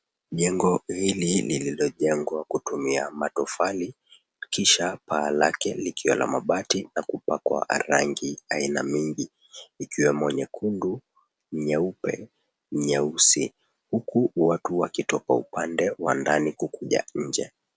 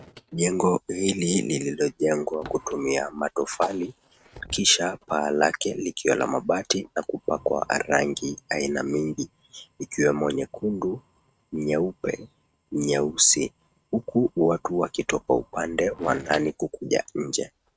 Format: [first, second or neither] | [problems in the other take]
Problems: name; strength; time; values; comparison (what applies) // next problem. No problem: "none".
first | noise reduction (neural mask model RNNoise)